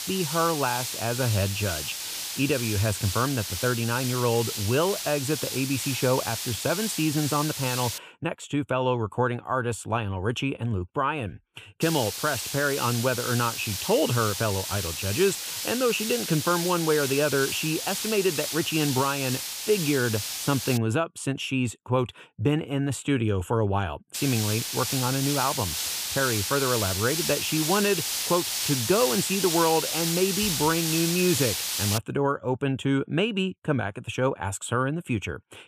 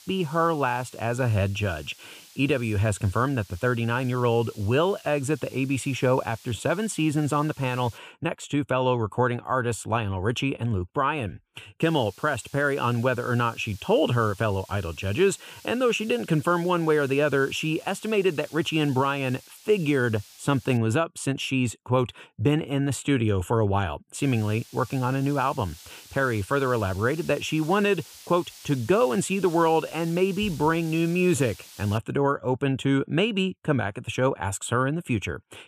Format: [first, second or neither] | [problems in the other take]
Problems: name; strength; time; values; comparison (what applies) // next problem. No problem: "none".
second | hiss; loud; until 8 s, from 12 to 21 s and from 24 to 32 s; 2 dB below the speech; faint in the second